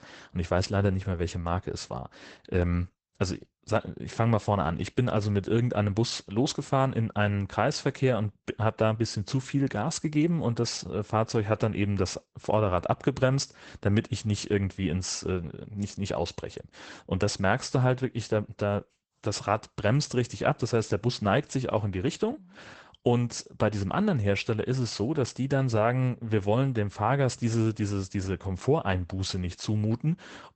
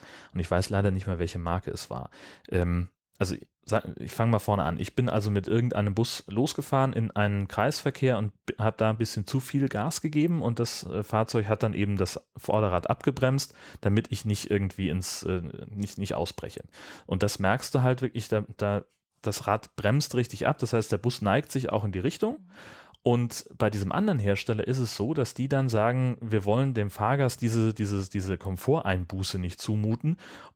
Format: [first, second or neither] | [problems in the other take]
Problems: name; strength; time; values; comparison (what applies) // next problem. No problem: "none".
second | garbled, watery; badly; nothing above 8 kHz; slightly in the second